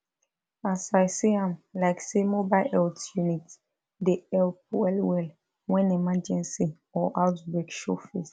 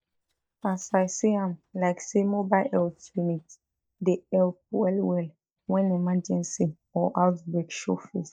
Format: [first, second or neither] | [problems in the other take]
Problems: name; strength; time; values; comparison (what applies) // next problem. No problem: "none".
first | noise reduction (neural mask model DeepFilterNet 3)